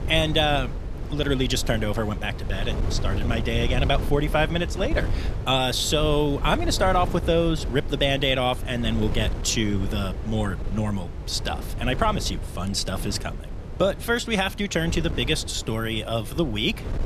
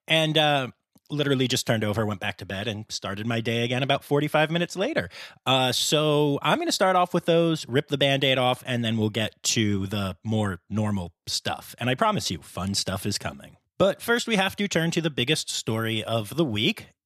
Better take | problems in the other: second | wind noise on the microphone; occasional gusts; 15 dB below the speech

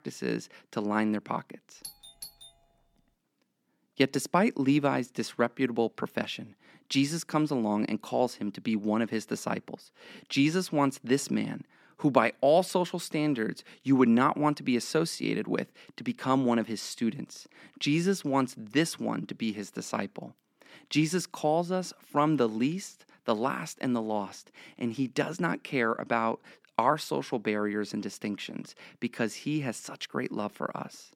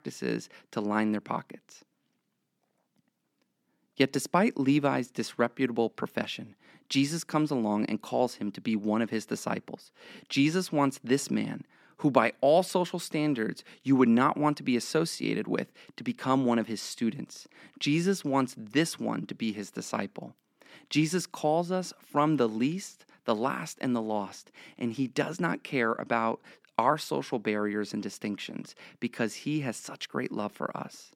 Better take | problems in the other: second | doorbell; faint; at 2 s; peak 15 dB below the speech

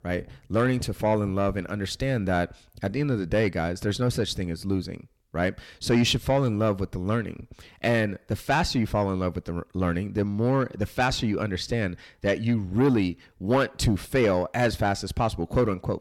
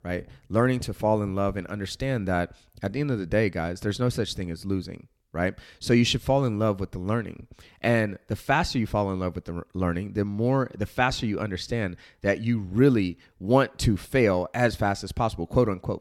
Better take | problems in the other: second | distortion; slight; 10 dB below the speech

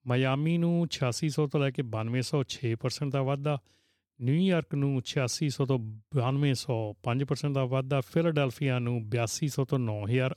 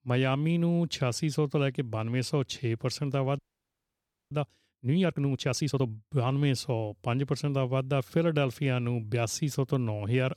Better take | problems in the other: first | audio freezing; at 3.5 s for 1 s

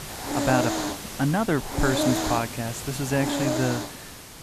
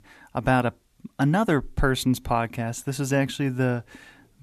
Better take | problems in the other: second | hiss; loud; throughout; 2 dB below the speech

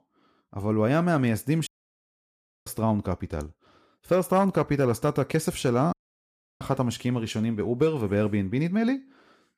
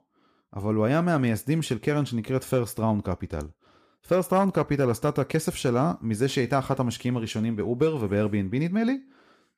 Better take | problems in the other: second | audio cutting out; at 1.5 s for 1 s and at 6 s for 0.5 s

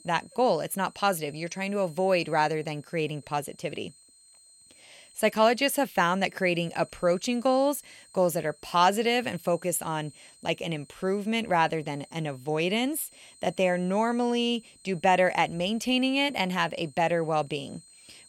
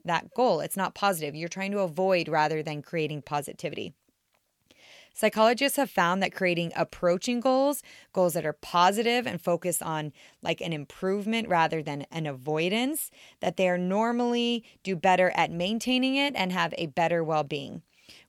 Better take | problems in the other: second | high-pitched whine; faint; throughout; 8.5 kHz, 25 dB below the speech

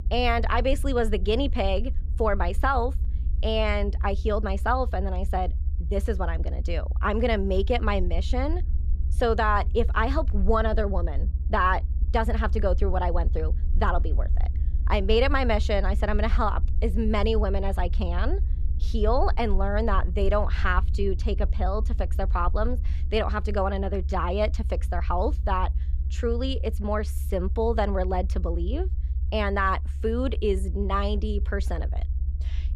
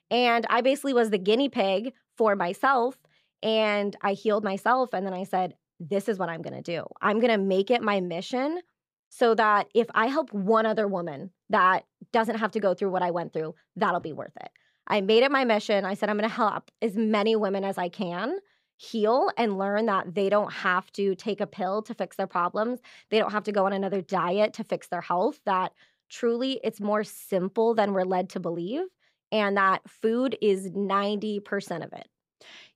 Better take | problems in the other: second | low rumble; faint; throughout; 20 dB below the speech

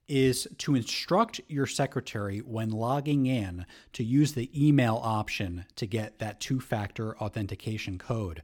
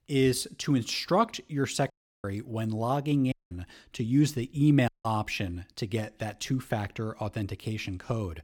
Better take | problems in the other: first | audio cutting out; at 2 s, at 3.5 s and at 5 s

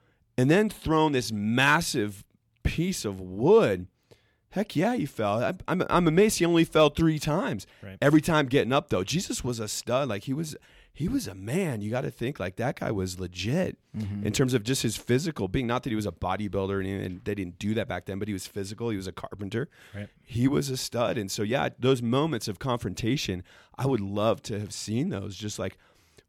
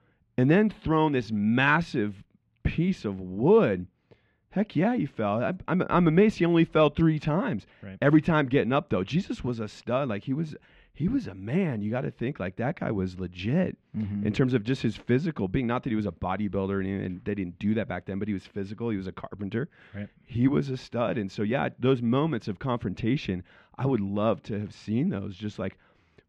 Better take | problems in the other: first | muffled; slightly; fading above 2.5 kHz

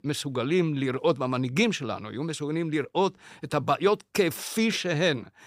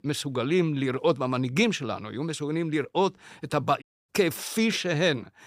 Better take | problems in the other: first | audio cutting out; at 4 s

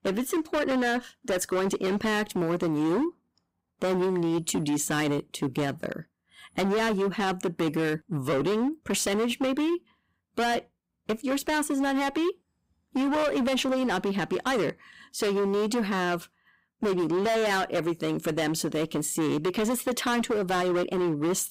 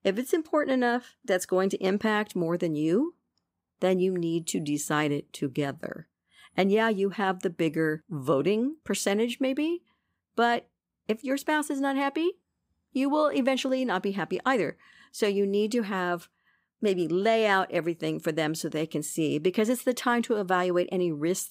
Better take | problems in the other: second | distortion; heavy; 23% of the sound clipped

